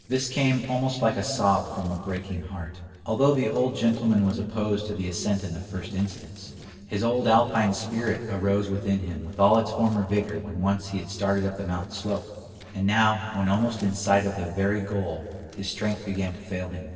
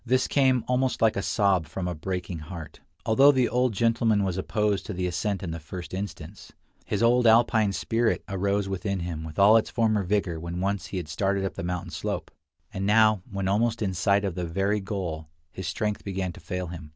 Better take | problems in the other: second | noise reduction (neural separator model SepFormer DNS4)

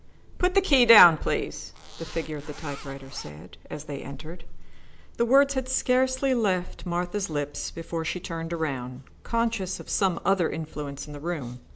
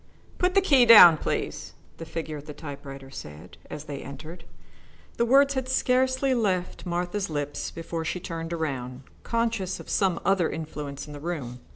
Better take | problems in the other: second | background sound (Zipper (clothing)); 19 dB below the speech

